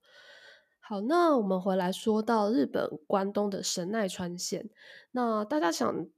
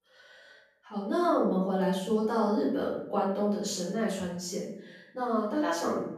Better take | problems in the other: first | off-mic speech; far // room echo; noticeable; dies away in 0.6 s

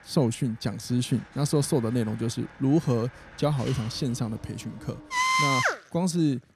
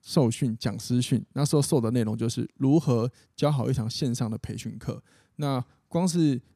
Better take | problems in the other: second | machinery noise; very loud; throughout; 2 dB above the speech

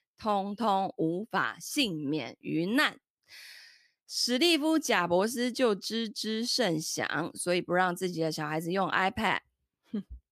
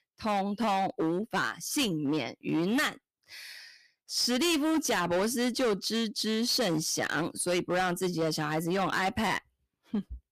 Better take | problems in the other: first | distortion; heavy; 13% of the sound clipped

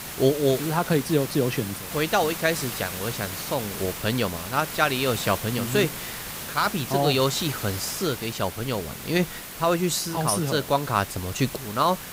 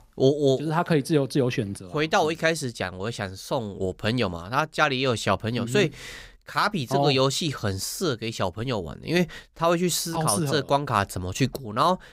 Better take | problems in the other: second | hiss; loud; throughout; 8 dB below the speech

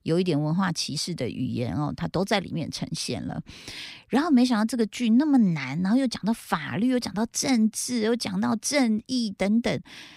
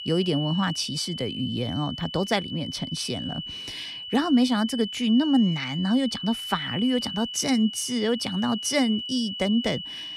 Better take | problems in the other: first | high-pitched whine; loud; throughout; 3 kHz, 8 dB below the speech

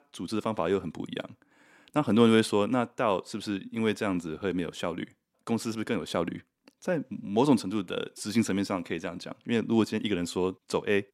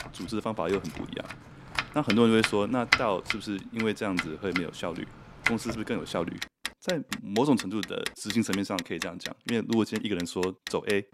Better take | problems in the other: first | household noises; loud; throughout; 5 dB below the speech

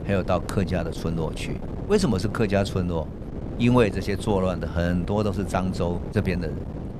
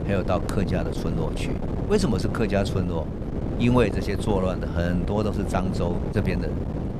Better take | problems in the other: first | wind noise on the microphone; heavy; 6 dB below the speech; occasional gusts in the first

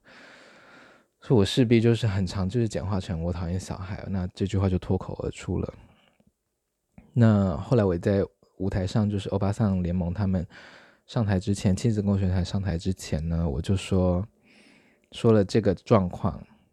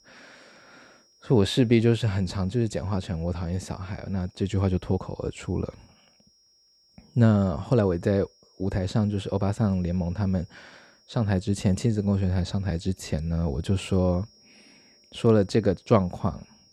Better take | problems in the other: first | high-pitched whine; faint; throughout; 5.5 kHz, 30 dB below the speech

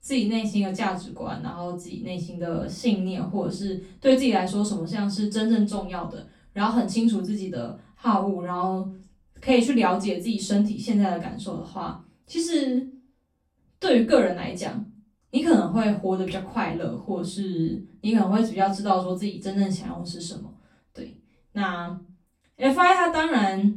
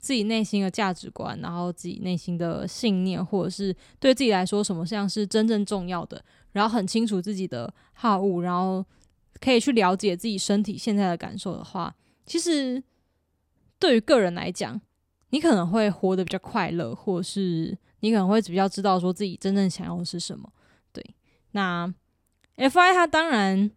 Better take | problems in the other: second | off-mic speech; far // room echo; slight; dies away in 0.3 s

